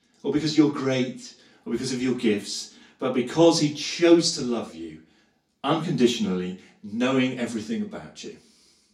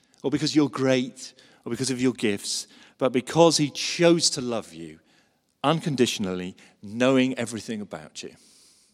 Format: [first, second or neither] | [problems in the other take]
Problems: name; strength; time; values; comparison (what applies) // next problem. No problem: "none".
second | room echo; slight; dies away in 0.3 s // off-mic speech; far